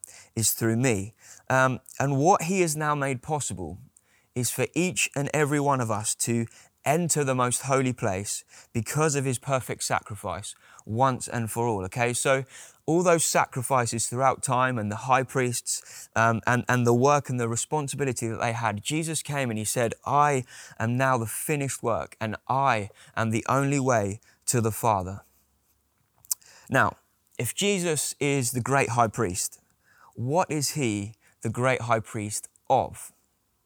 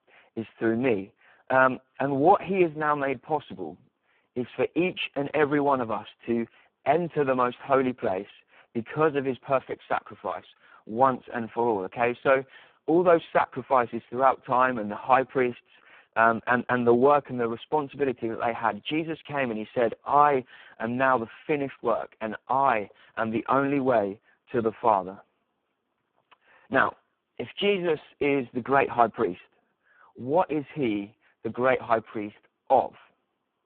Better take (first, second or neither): first